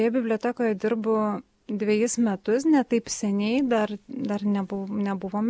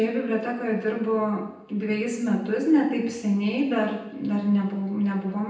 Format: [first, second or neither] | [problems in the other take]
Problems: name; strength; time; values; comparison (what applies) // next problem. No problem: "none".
first | room echo; dies away in 0.9 s